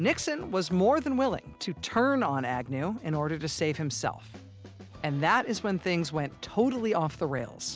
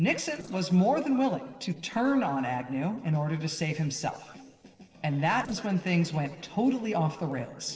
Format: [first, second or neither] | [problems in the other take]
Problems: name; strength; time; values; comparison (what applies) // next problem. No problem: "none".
first | noise reduction (neural separator model SepFormer DNS4)